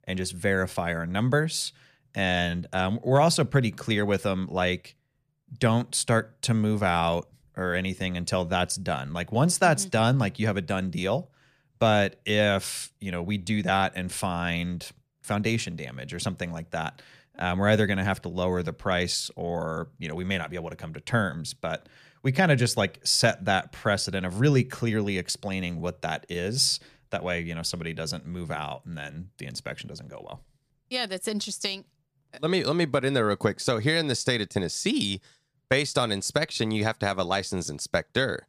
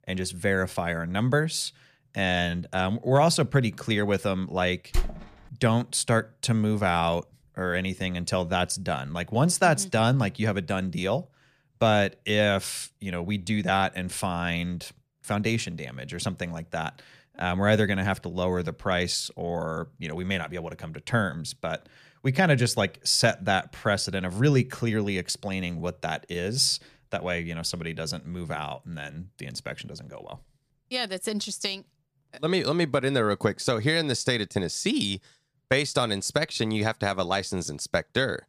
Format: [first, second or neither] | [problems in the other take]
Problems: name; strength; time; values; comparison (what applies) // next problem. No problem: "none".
first | door banging; noticeable; at 5 s; peak 6 dB below the speech